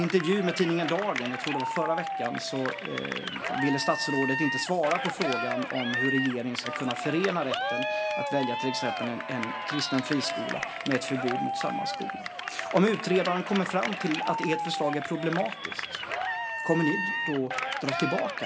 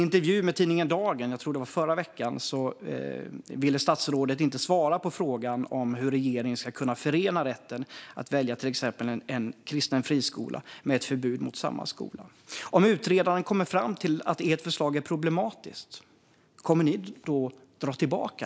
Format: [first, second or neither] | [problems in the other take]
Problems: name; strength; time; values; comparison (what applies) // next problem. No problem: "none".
second | background sound (Cheering); 3 dB below the speech // room echo; dies away in 0.9 s